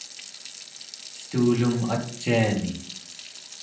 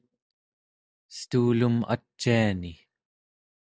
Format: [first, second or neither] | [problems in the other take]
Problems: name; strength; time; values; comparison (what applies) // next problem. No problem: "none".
second | background sound (Sink (filling or washing) / Water tap, faucet); 14 dB below the speech // room echo; dies away in 0.6 s